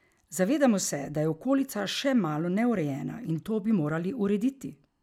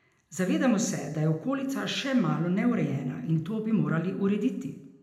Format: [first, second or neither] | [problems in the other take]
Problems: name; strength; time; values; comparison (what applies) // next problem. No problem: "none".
first | room echo; dies away in 0.8 s